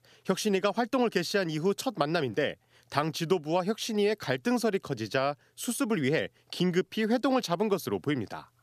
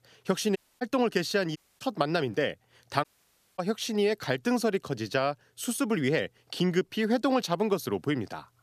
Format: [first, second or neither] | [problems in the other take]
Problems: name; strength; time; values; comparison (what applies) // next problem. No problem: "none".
first | audio cutting out; at 0.5 s, at 1.5 s and at 3 s for 0.5 s